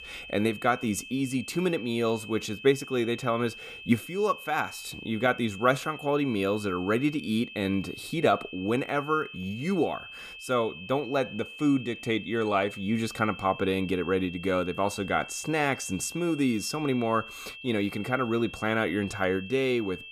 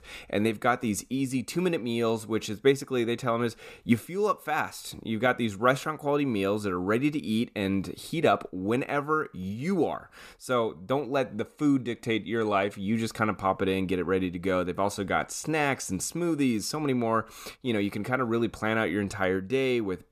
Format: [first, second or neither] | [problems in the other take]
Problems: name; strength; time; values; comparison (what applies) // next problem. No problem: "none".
second | high-pitched whine; noticeable; throughout; 2.5 kHz, 15 dB below the speech